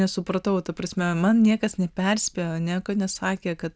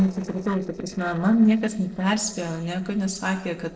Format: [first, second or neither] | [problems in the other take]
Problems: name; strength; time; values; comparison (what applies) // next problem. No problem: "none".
first | noise reduction (neural separator model SepFormer DNS4)